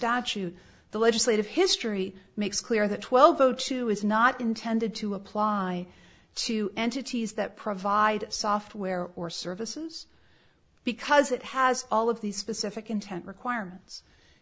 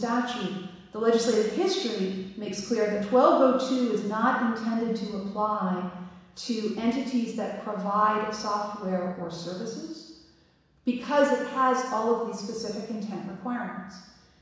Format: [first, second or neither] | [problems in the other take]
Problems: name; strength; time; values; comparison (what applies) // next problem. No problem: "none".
first | room echo; dies away in 1.1 s